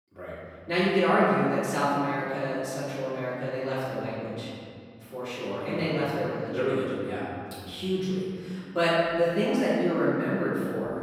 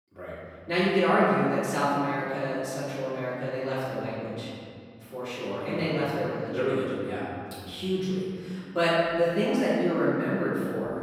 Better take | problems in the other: neither | room echo; strong; dies away in 2.2 s; the same in both // off-mic speech; far; the same in both

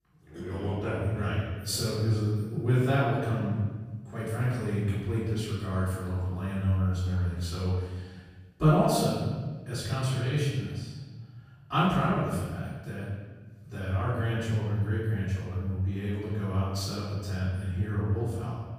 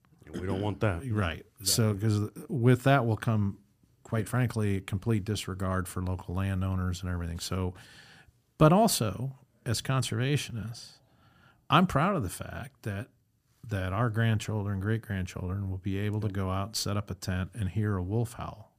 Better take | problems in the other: second | off-mic speech; far // room echo; strong; dies away in 1.3 s

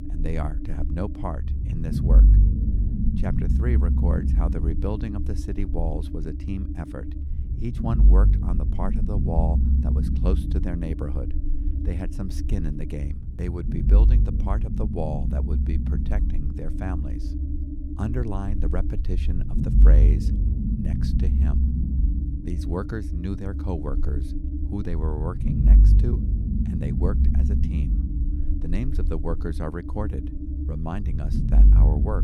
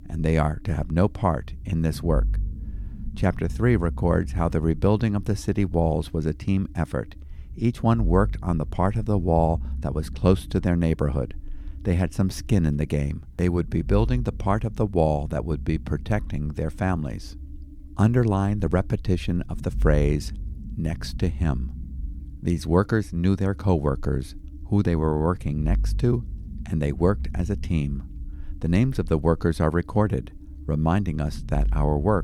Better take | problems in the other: second | low rumble; loud; throughout; 3 dB below the speech; faint in the second

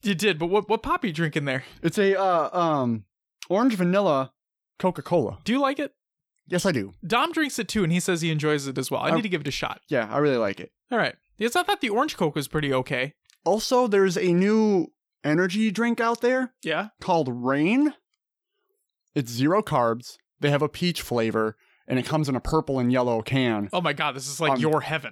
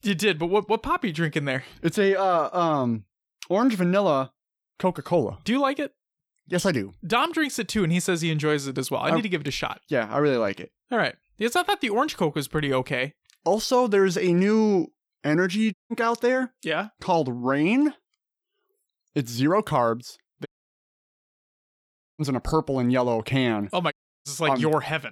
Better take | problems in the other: first | audio cutting out; at 16 s, at 20 s for 1.5 s and at 24 s

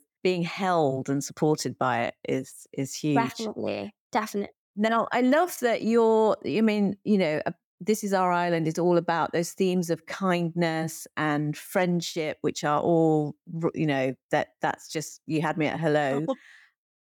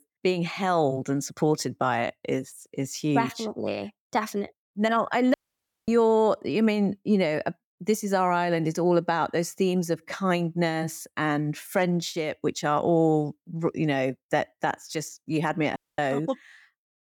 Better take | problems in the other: first | audio cutting out; at 5.5 s for 0.5 s and at 16 s

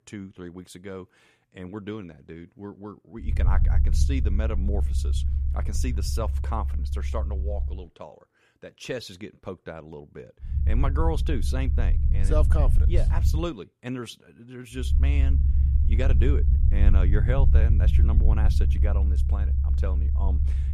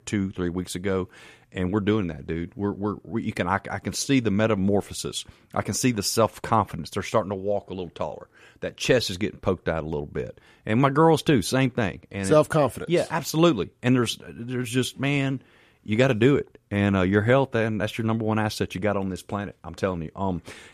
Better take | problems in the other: second | low rumble; loud; from 3.5 to 8 s, from 11 to 13 s and from 15 s on; 6 dB below the speech

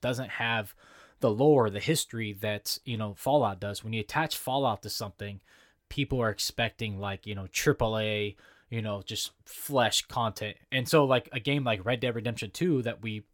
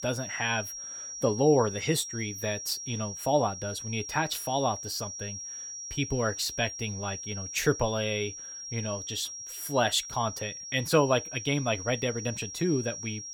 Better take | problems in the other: first | high-pitched whine; loud; throughout; 5.5 kHz, 8 dB below the speech

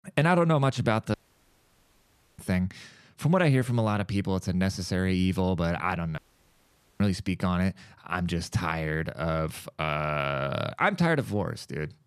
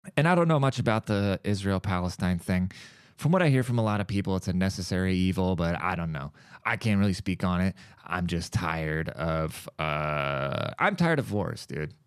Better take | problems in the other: second | audio cutting out; at 1 s for 1 s and at 6 s for 1 s

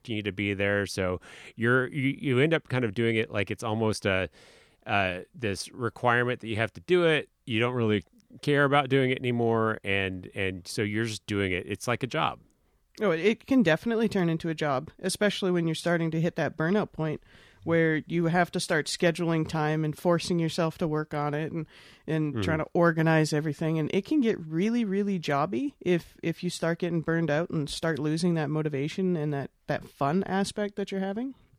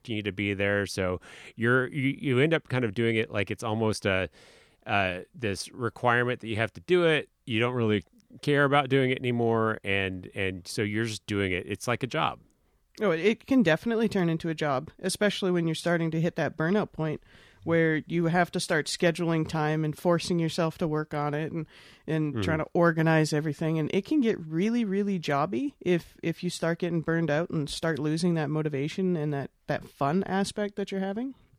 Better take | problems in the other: neither | none

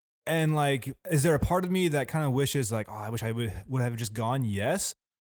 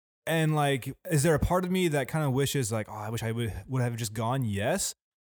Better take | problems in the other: second | garbled, watery; slightly; nothing above 19 kHz

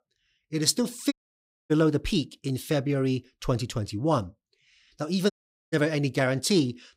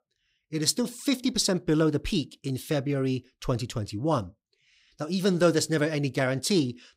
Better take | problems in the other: second | audio cutting out; at 1 s for 0.5 s and at 5.5 s

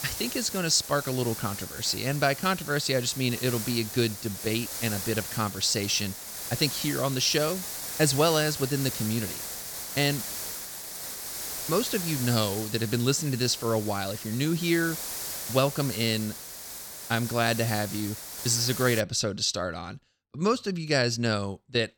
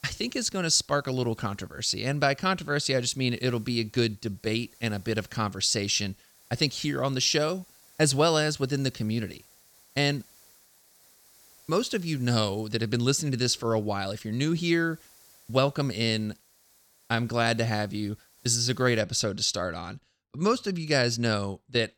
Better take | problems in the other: second | hiss; loud; until 19 s; 7 dB below the speech; faint in the second

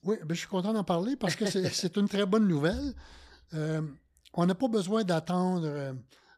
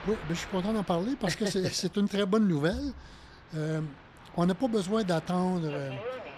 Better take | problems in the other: first | train or aircraft noise; noticeable; throughout; 15 dB below the speech

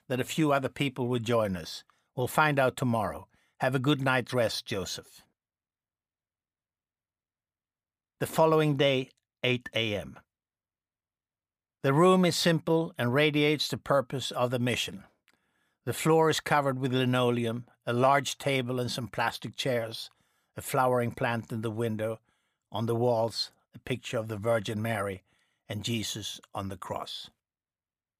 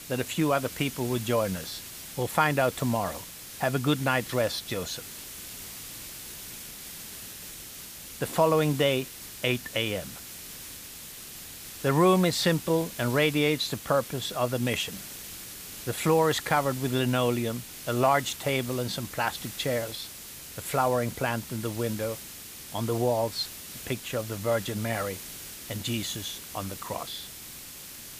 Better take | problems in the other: first | hiss; noticeable; throughout; 10 dB below the speech

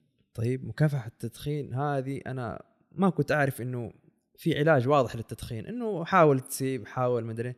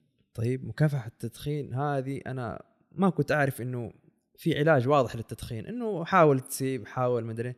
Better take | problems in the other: neither | none

